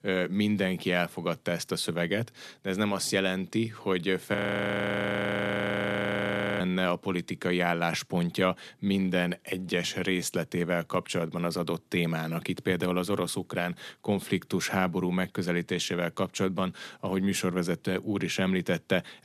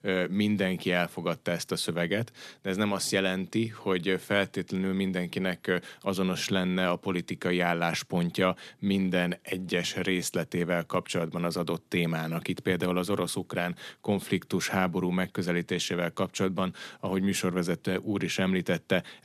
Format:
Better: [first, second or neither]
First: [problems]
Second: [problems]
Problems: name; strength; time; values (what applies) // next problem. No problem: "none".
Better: second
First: audio freezing; at 4.5 s for 2.5 s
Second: none